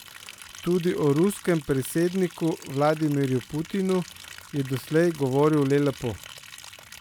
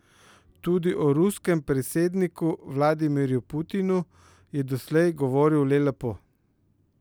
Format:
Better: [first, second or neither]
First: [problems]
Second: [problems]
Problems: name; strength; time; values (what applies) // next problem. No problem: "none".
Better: second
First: background sound (Liquid); 19 dB below the speech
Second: none